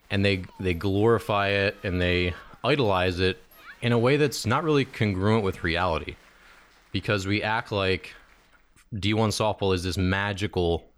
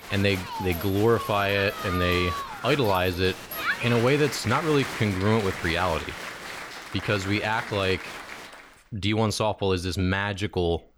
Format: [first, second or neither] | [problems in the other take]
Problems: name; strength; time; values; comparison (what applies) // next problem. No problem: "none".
first | crowd noise; loud; until 8.5 s; 8 dB below the speech; faint in the first